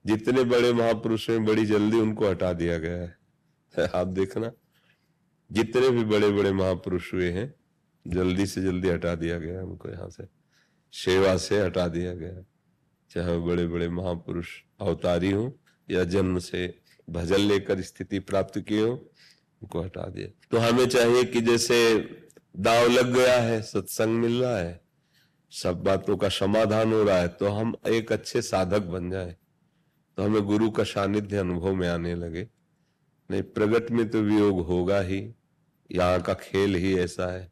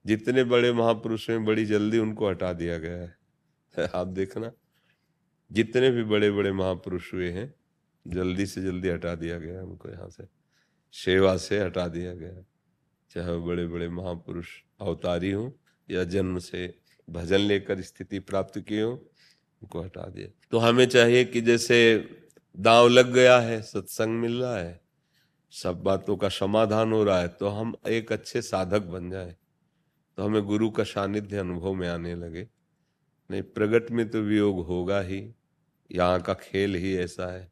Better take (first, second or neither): second